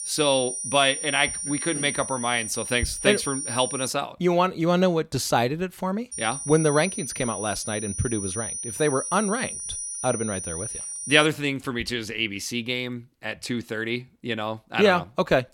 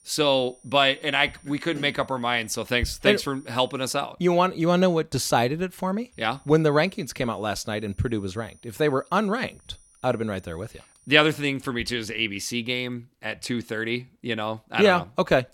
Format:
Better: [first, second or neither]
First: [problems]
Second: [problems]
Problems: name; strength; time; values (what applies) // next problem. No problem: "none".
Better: second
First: high-pitched whine; loud; until 4 s and from 6 to 11 s; 9.5 kHz, 6 dB below the speech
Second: high-pitched whine; faint; until 4 s and from 6 to 11 s; 9.5 kHz, 30 dB below the speech